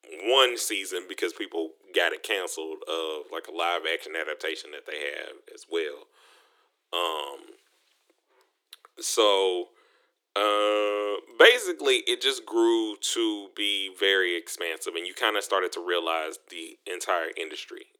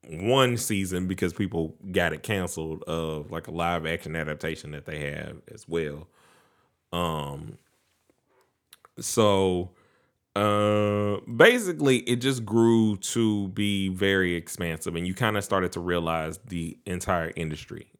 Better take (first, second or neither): second